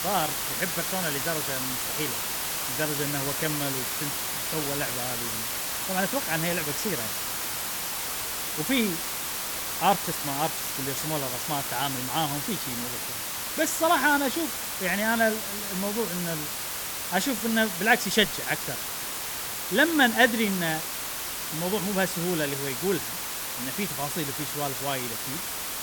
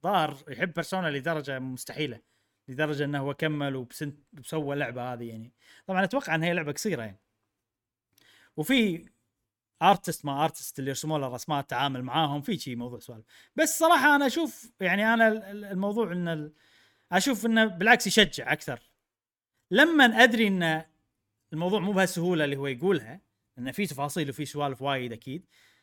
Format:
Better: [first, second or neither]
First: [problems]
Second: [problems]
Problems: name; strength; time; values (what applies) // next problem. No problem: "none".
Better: second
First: hiss; loud; throughout; 1 dB below the speech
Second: none